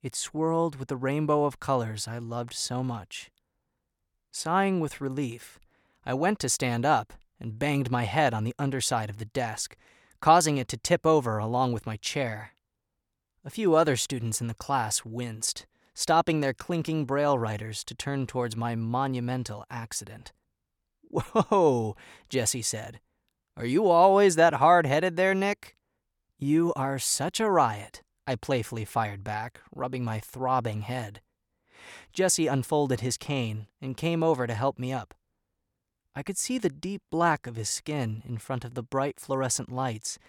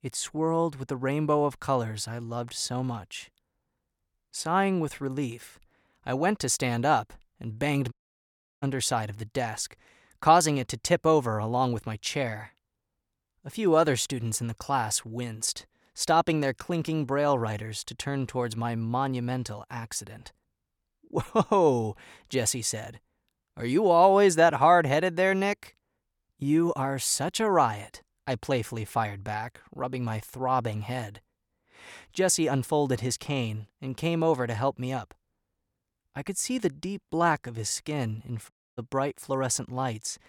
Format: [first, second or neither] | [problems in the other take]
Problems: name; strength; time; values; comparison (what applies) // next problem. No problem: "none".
first | audio cutting out; at 8 s for 0.5 s and at 39 s